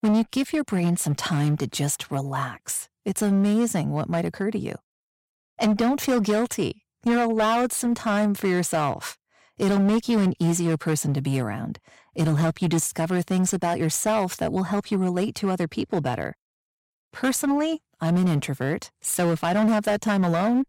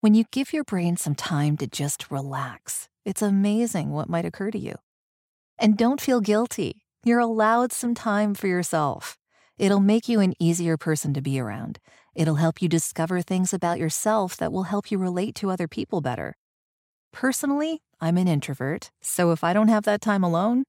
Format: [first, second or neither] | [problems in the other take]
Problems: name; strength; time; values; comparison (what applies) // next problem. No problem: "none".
second | distortion; slight; 11% of the sound clipped